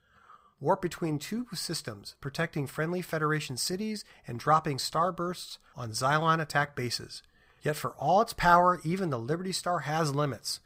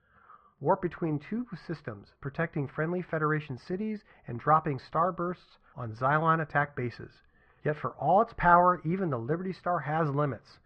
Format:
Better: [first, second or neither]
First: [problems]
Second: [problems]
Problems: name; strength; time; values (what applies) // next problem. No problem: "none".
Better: first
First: none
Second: muffled; very; fading above 2 kHz